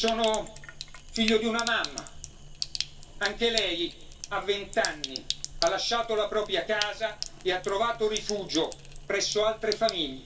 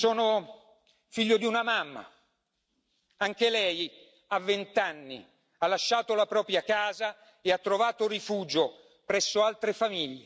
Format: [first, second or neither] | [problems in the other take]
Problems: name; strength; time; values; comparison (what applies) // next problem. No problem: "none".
second | background sound (Sink (filling or washing)); 9 dB below the speech // room echo; dies away in 0.2 s